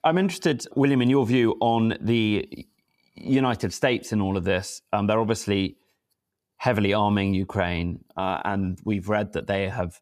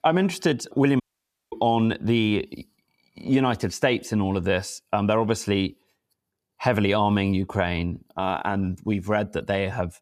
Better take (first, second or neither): first